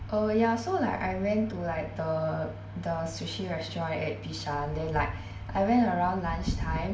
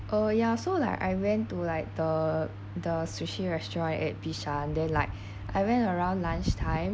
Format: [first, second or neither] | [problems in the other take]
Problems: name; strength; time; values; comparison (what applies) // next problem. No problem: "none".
second | room echo; dies away in 0.8 s